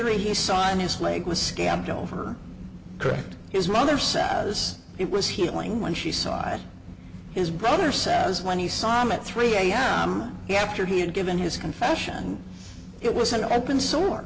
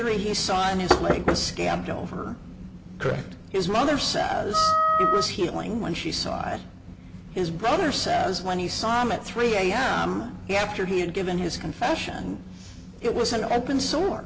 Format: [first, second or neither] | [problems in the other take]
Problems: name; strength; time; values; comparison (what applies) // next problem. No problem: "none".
first | background sound (Wind instrument, woodwind instrument + Knock); as loud as the speech